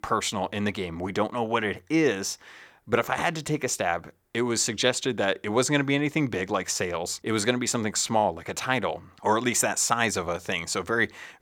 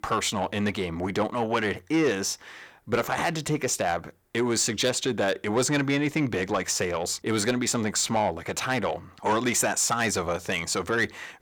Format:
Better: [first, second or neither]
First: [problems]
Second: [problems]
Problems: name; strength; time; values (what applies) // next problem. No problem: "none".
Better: first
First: none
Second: distortion; slight; 10 dB below the speech